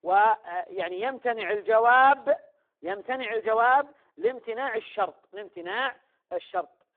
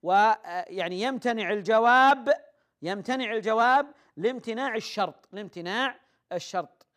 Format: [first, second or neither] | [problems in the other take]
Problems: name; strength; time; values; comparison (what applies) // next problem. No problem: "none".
second | phone-call audio; poor line